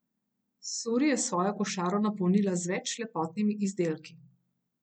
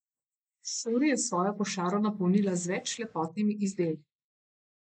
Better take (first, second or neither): first